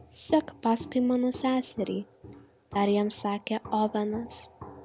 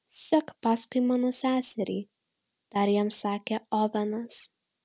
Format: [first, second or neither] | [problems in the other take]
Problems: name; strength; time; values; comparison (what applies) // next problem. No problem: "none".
second | background sound (Walk, footsteps); 18 dB below the speech